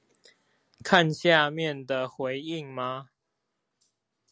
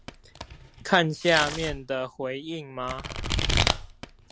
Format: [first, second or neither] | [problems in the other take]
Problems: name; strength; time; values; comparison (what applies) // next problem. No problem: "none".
first | background sound (Domestic sounds, home sounds); 2 dB below the speech